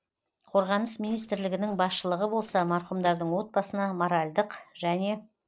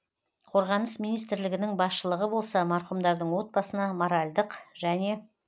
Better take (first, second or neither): second